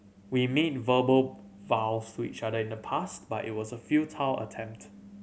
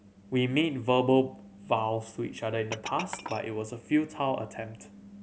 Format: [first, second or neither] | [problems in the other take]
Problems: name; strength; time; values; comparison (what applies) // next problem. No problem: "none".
first | background sound (Glass); 16 dB below the speech